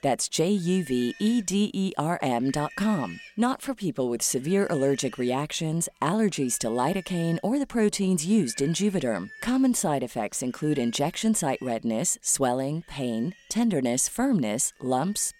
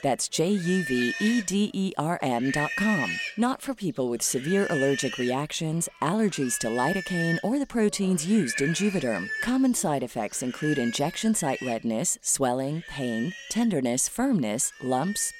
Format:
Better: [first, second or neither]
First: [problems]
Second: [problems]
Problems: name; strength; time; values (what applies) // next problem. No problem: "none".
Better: first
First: animal sounds; faint; throughout; 20 dB below the speech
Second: animal sounds; loud; throughout; 7 dB below the speech